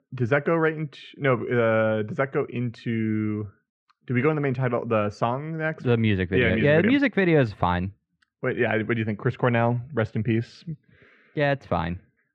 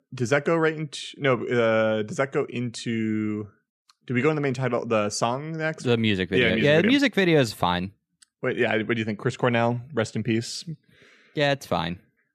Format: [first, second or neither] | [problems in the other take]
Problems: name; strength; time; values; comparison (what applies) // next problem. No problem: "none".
second | muffled; very; fading above 2 kHz